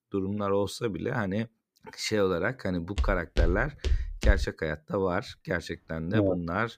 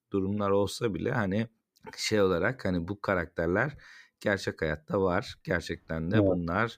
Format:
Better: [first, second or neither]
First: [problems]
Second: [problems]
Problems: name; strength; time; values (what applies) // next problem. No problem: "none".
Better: second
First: footsteps; loud; from 3 to 4.5 s; peak 2 dB above the speech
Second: none